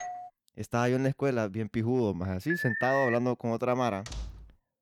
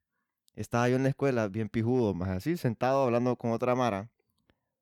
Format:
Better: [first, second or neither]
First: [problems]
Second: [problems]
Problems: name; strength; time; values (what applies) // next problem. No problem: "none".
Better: second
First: doorbell; faint; at the start; peak 10 dB below the speech // alarm; noticeable; at 2.5 s; peak 2 dB below the speech // door banging; faint; at 4 s; peak 10 dB below the speech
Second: none